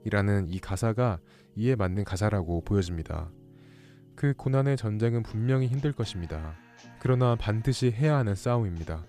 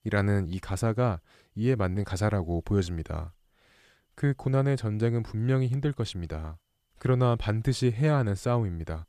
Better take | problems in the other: second | background music; faint; throughout; 25 dB below the speech

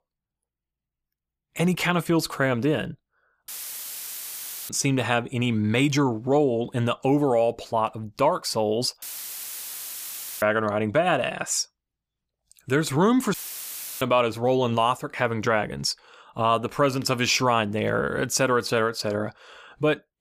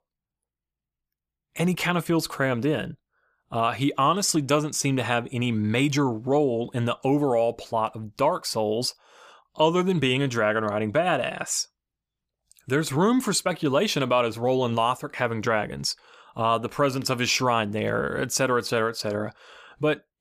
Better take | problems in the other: second | audio cutting out; filled with static; at 3.5 s for 1 s, at 9 s for 1.5 s and at 13 s for 0.5 s

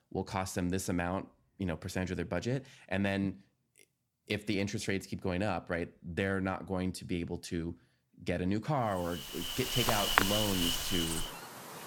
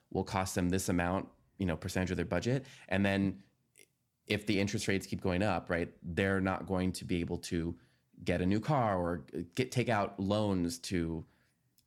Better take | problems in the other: second | animal sounds; very loud; from 9.5 s on; 3 dB above the speech

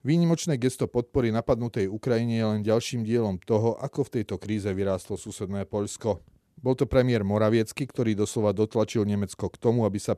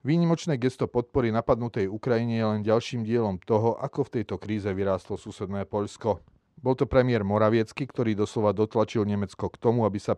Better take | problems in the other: first | muffled; very slightly; fading above 5 kHz

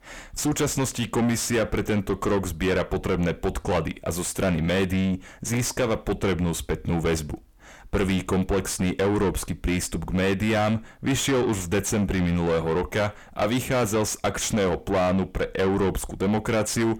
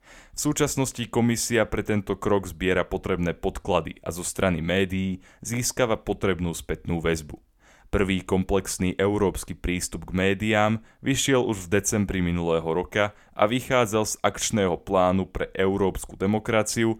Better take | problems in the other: second | distortion; heavy; 7 dB below the speech

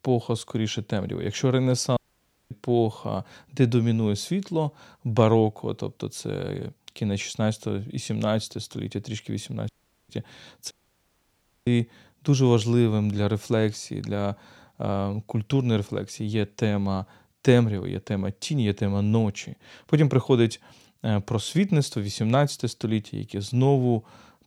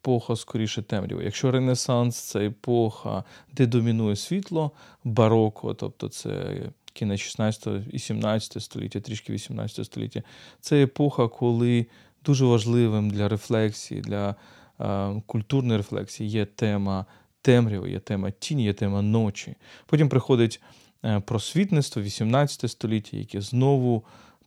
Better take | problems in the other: second | audio cutting out; at 2 s for 0.5 s, at 9.5 s and at 11 s for 1 s

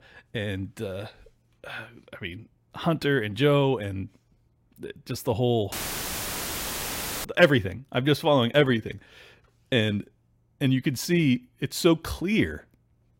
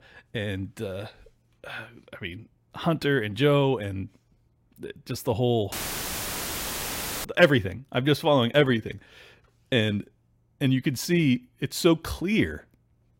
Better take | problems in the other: neither | audio cutting out; filled with static; at 5.5 s for 1.5 s; the same in both

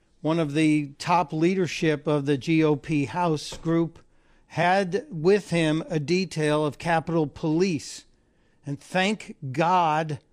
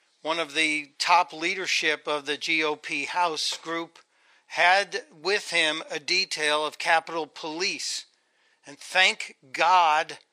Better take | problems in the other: first | thin; very; fading below 800 Hz

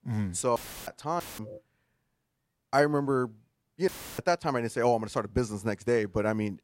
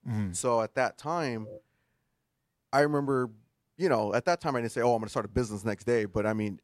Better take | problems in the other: second | audio cutting out; filled with static; at 0.5 s, at 1 s and at 4 s

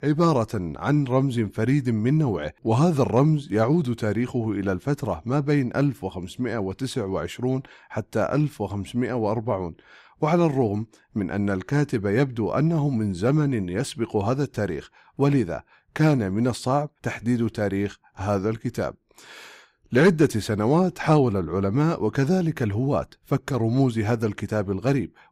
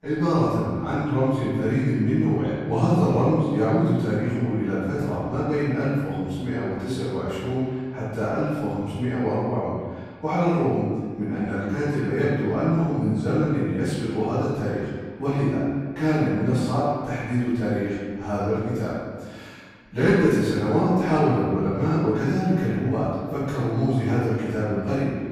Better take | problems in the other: first | off-mic speech; far // room echo; strong; dies away in 1.5 s

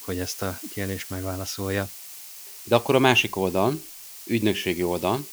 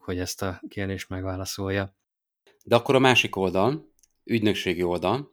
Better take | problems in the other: second | hiss; noticeable; throughout; 15 dB below the speech

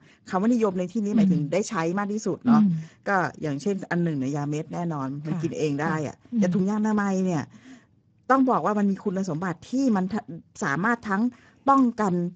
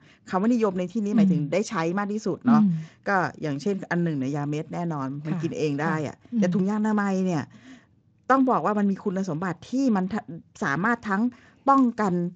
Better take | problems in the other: second | garbled, watery; badly; nothing above 7.5 kHz; slightly in the second

